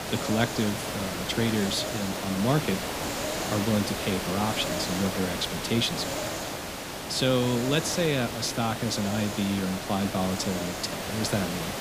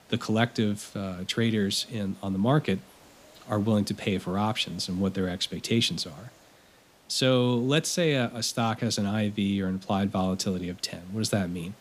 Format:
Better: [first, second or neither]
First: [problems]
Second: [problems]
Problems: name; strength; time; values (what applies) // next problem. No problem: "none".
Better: second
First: hiss; loud; throughout; 3 dB below the speech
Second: hiss; faint; throughout; 25 dB below the speech